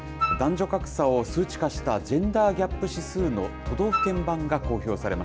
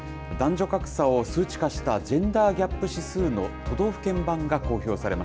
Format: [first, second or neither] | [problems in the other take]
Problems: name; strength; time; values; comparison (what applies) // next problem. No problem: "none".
second | background sound (Wind instrument, woodwind instrument); 5 dB below the speech